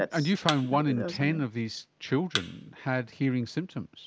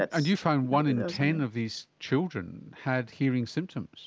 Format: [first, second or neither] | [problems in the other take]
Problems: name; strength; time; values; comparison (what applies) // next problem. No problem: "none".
second | background sound (Thump, thud); 9 dB below the speech